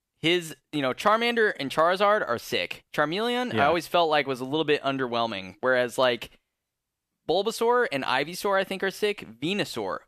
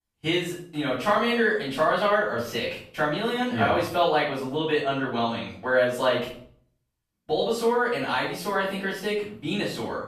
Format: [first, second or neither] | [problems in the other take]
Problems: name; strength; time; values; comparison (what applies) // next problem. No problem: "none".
first | room echo; noticeable; dies away in 0.5 s // off-mic speech; far